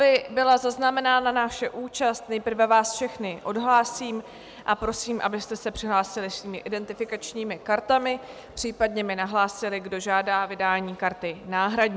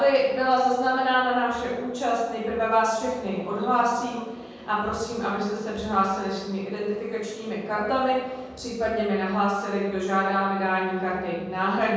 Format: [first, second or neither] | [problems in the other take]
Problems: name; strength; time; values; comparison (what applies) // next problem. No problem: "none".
first | room echo; dies away in 1.3 s